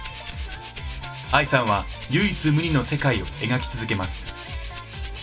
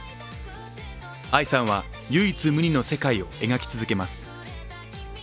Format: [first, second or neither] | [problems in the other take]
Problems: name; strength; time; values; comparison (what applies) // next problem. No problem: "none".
second | background sound (Rattle (instrument)); 17 dB below the speech // room echo; dies away in 0.2 s